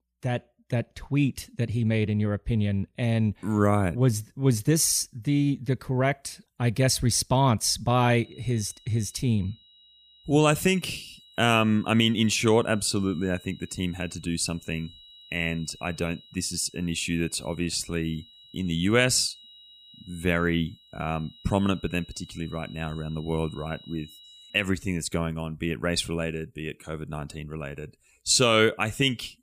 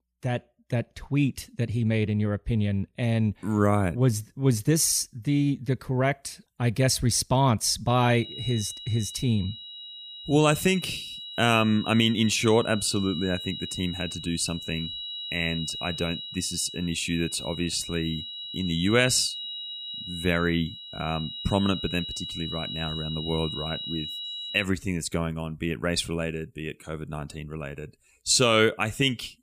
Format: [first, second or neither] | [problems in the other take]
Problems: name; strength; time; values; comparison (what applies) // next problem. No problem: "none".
first | high-pitched whine; loud; from 8 to 25 s; 4 kHz, 8 dB below the speech; faint in the first